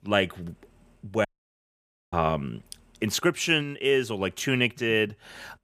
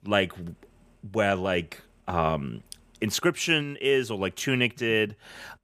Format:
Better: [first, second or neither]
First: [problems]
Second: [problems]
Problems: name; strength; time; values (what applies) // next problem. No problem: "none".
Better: second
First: audio cutting out; at 1.5 s for 1 s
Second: none